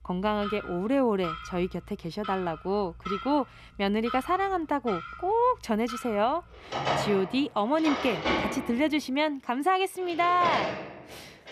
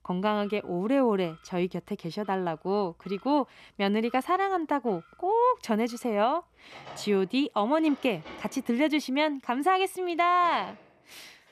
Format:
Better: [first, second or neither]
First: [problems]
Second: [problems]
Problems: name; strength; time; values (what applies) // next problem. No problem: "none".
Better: second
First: household noises; loud; throughout; 7 dB below the speech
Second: household noises; faint; throughout; 25 dB below the speech